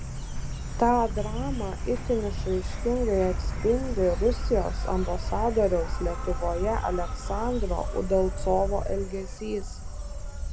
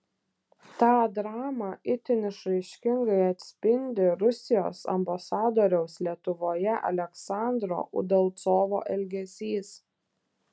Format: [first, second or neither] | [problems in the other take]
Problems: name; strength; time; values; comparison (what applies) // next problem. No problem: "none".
second | background sound (Insect); 2 dB below the speech